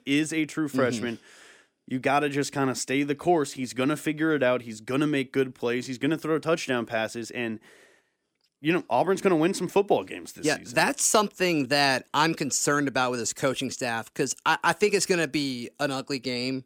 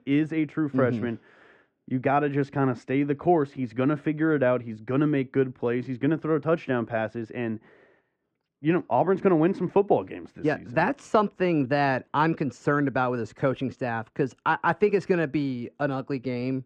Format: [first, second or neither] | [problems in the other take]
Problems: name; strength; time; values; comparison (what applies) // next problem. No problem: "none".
first | muffled; very; fading above 1.5 kHz